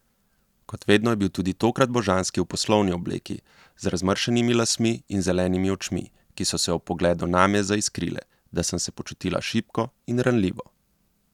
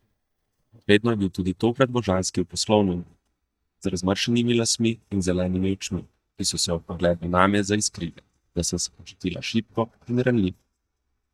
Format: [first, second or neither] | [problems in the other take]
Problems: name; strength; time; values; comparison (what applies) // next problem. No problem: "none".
first | noise reduction (neural mask model DeepFilterNet 3)